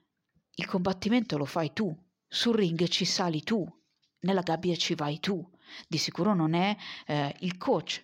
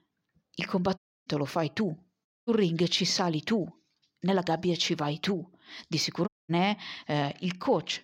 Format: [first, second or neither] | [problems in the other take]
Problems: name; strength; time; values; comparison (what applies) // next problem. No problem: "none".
first | audio cutting out; at 1 s, at 2.5 s and at 6.5 s